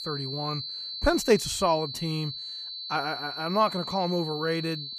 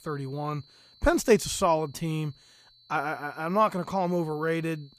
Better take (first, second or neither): second